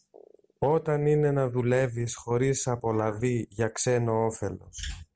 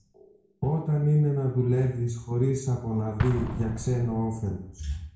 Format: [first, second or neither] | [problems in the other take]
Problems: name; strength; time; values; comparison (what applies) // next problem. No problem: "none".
first | background sound (Explosion); 12 dB below the speech // room echo; dies away in 0.5 s